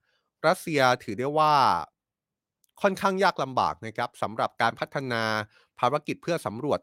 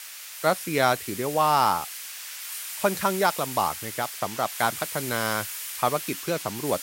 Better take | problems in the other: first | hiss; loud; throughout; 7 dB below the speech

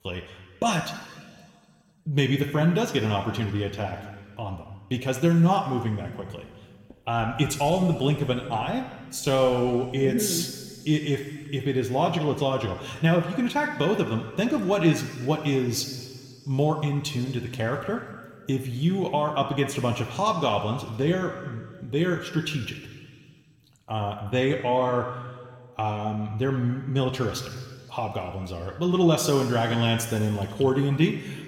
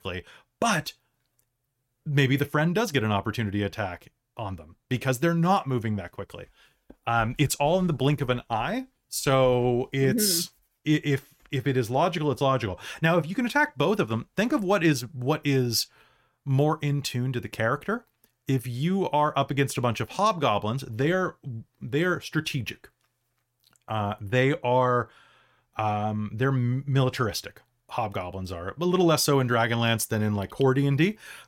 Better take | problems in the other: second | room echo; slight; dies away in 1.9 s

